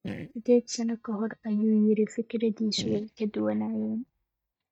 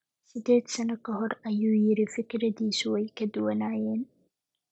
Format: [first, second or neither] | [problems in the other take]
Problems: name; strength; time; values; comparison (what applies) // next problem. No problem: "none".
second | noise reduction (neural mask model DeepFilterNet 3)